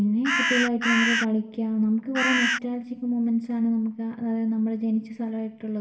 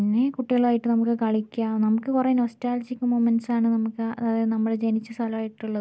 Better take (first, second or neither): second